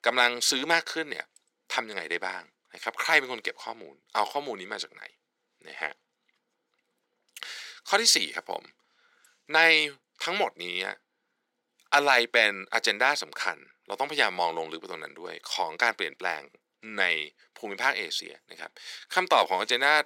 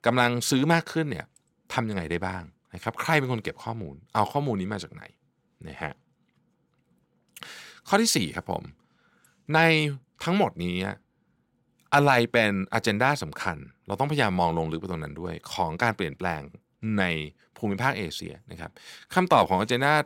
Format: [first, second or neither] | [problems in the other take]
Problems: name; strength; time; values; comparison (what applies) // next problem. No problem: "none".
second | thin; very; fading below 350 Hz